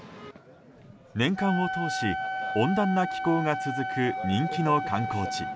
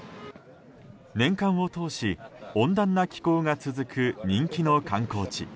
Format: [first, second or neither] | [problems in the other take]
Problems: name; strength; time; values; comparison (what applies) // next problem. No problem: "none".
second | background sound (Wind instrument, woodwind instrument); 4 dB below the speech